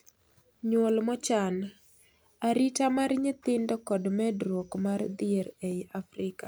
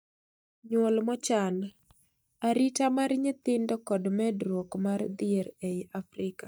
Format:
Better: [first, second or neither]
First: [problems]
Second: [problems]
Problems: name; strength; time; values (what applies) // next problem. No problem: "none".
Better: first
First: none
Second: noise reduction (neural mask model DeepFilterNet 3)